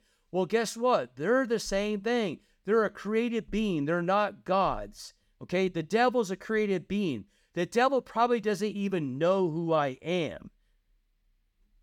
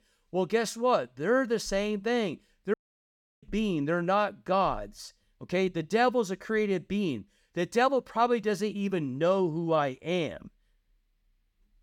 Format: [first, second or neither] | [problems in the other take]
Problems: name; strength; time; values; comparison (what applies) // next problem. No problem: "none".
first | audio cutting out; at 2.5 s for 0.5 s